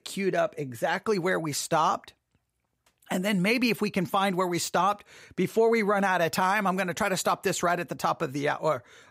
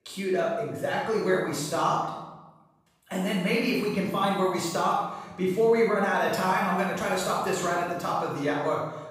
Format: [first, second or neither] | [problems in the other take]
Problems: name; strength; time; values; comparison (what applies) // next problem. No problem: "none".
first | room echo; strong; dies away in 0.9 s // off-mic speech; far